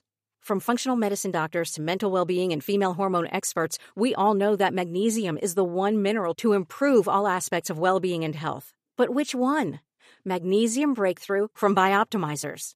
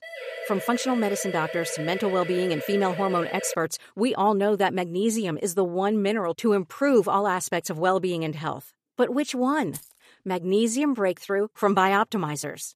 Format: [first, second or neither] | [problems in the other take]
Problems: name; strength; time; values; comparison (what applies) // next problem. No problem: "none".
first | siren; noticeable; until 3.5 s; peak 8 dB below the speech // jangling keys; faint; at 9.5 s; peak 15 dB below the speech